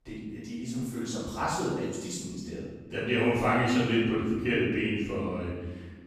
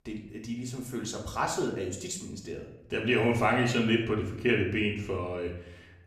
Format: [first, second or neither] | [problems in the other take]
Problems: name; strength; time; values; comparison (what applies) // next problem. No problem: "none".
second | room echo; strong; dies away in 1.2 s; slight in the second // off-mic speech; far; far in the second